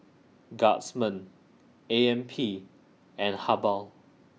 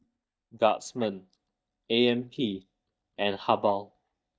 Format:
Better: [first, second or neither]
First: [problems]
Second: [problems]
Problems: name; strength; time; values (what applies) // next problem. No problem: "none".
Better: first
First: none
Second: noise reduction (neural mask model DeepFilterNet 3)